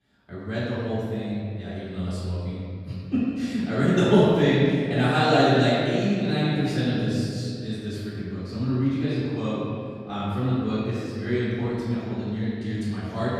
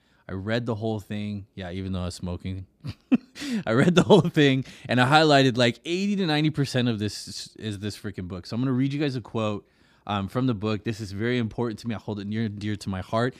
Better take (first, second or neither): second